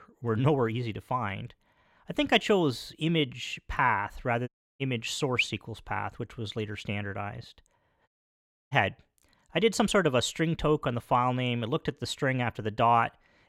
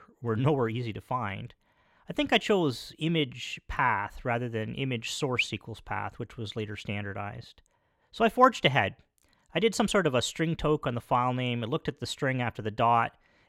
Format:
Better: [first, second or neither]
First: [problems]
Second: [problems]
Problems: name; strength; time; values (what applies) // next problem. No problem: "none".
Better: second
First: audio cutting out; at 4.5 s and at 8 s for 0.5 s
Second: none